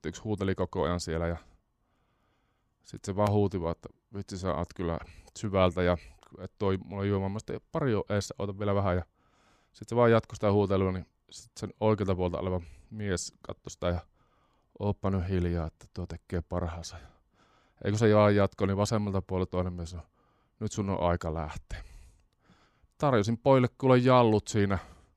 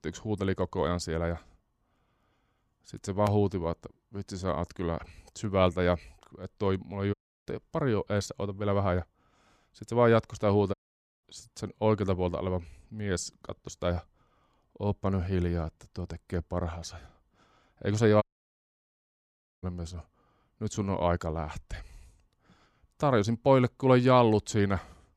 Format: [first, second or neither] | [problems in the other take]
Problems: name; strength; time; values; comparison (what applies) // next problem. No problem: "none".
first | audio cutting out; at 7 s, at 11 s and at 18 s for 1.5 s